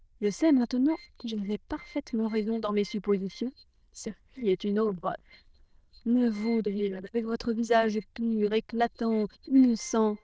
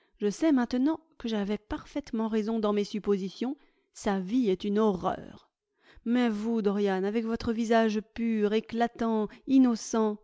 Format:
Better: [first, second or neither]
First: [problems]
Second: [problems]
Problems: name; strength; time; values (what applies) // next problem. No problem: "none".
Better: second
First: noise reduction (neural diffusion model UNIVERSE++)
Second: none